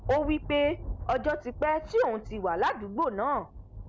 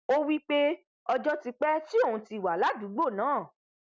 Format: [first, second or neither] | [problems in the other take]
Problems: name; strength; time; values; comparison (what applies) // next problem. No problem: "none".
second | background sound (Thunder); 12 dB below the speech